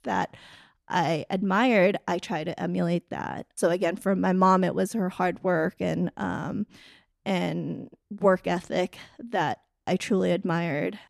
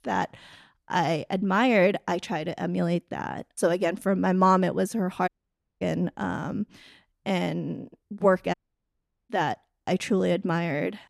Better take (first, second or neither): first